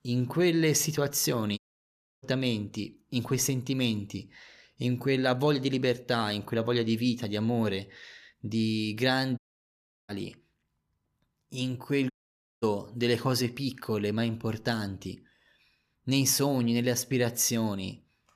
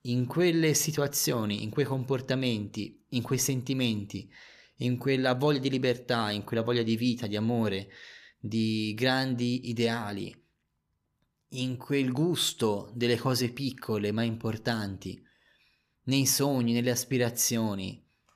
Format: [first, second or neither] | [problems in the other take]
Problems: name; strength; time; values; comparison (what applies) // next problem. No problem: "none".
second | audio cutting out; at 1.5 s for 0.5 s, at 9.5 s for 0.5 s and at 12 s for 0.5 s